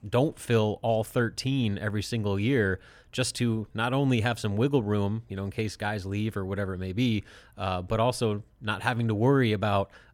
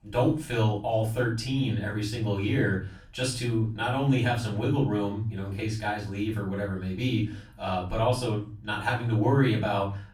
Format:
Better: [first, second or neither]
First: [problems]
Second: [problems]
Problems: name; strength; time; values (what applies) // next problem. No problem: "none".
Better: first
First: none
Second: off-mic speech; far // room echo; slight; dies away in 0.4 s